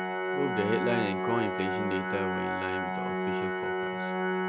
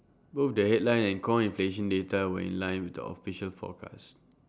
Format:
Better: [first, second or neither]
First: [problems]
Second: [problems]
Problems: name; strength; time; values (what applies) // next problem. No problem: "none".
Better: second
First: background sound (Organ); 3 dB above the speech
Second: none